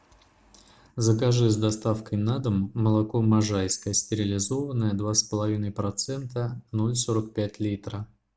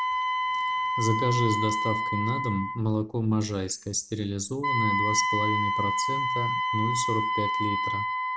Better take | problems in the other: first | background sound (Wind instrument, woodwind instrument); 2 dB above the speech

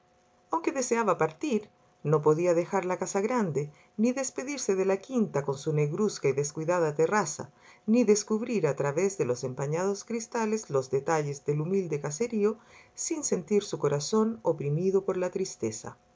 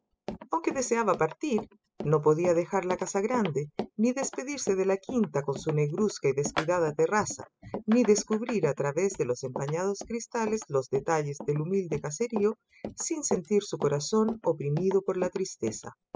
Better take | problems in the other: first | noise reduction (classical method spectral subtraction)

